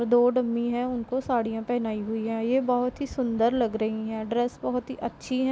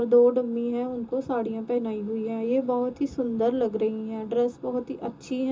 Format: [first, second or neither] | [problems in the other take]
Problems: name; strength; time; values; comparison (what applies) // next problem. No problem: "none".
first | room echo; dies away in 0.2 s